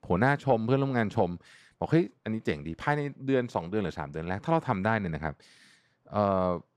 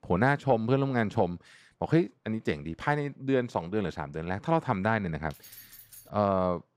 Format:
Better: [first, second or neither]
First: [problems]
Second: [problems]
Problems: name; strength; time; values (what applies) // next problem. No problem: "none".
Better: first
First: none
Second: jangling keys; faint; at 5.5 s; peak 20 dB below the speech